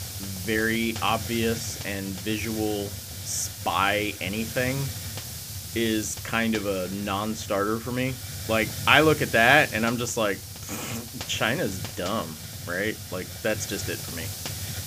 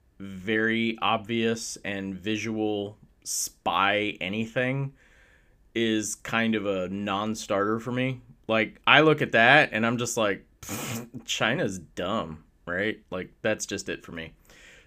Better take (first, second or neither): second